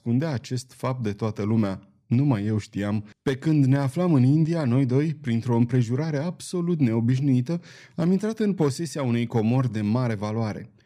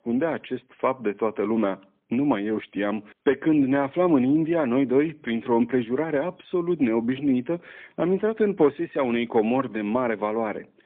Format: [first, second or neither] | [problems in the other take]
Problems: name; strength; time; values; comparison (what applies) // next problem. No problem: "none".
first | phone-call audio; poor line; nothing above 3.5 kHz